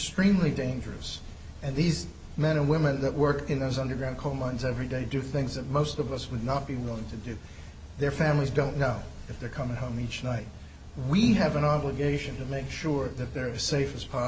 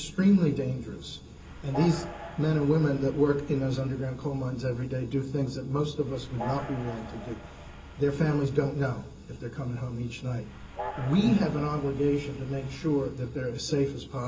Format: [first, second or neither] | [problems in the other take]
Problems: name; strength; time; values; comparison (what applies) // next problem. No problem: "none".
first | background sound (Train); 15 dB below the speech // room echo; dies away in 0.2 s